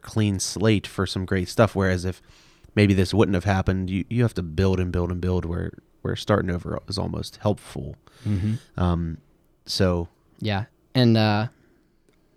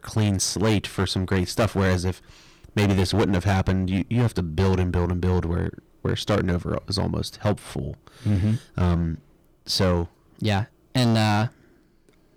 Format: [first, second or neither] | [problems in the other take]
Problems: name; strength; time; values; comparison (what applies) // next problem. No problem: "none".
first | distortion; heavy; 10% of the sound clipped